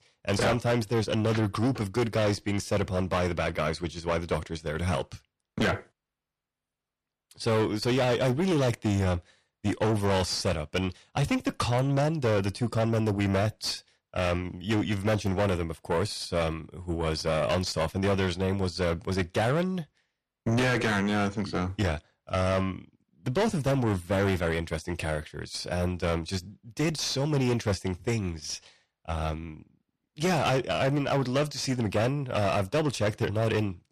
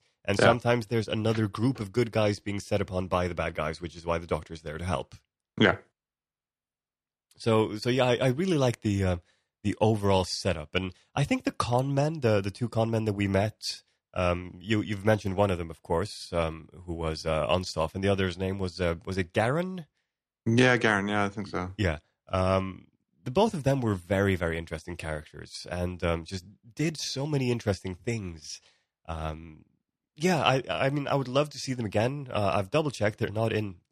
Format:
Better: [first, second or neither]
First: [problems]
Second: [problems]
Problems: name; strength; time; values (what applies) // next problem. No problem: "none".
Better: second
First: distortion; heavy; 6 dB below the speech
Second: none